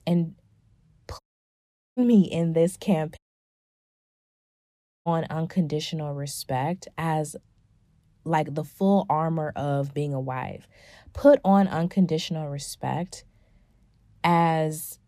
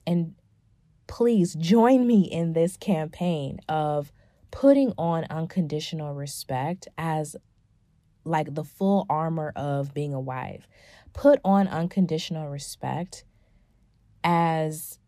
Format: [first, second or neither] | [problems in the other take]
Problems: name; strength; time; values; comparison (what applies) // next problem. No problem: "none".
second | audio cutting out; at 1 s for 1 s and at 3 s for 2 s